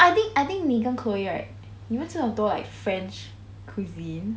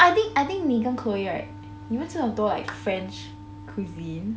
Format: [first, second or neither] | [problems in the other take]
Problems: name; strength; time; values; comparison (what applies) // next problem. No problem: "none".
first | background sound (Wind instrument, woodwind instrument + Clapping); 19 dB below the speech